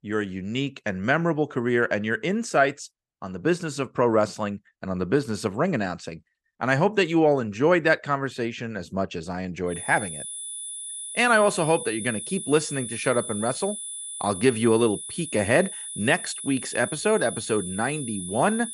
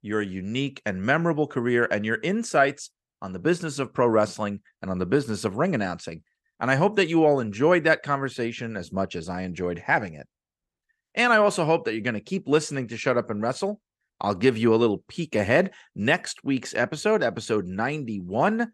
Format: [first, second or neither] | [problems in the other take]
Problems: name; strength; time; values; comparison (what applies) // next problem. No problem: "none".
second | high-pitched whine; loud; from 9.5 s on; 10 kHz, 8 dB below the speech